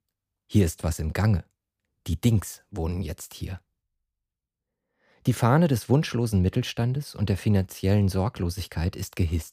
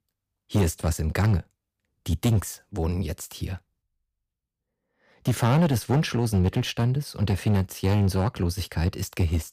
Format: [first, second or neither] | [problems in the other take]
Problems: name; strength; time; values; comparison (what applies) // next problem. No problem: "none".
first | distortion; slight; 6% of the sound clipped